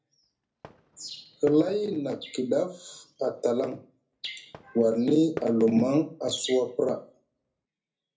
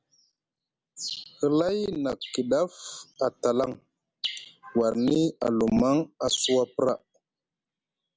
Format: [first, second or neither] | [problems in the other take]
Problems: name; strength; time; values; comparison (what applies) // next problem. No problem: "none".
second | background sound (Fireworks); 20 dB below the speech // room echo; dies away in 0.3 s